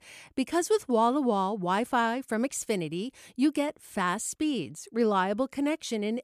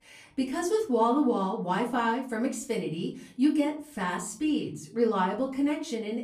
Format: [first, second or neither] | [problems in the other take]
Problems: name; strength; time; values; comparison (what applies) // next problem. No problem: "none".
first | off-mic speech; far // room echo; very slight; dies away in 0.4 s